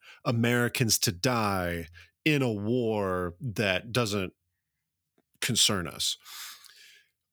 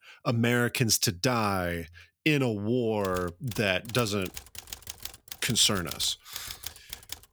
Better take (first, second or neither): first